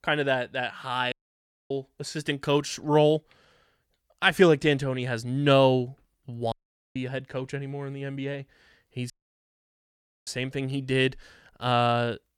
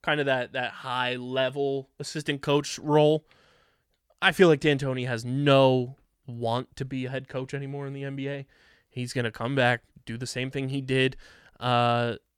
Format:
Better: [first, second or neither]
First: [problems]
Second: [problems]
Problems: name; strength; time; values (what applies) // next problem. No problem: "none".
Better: second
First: audio cutting out; at 1 s for 0.5 s, at 6.5 s and at 9 s for 1 s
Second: none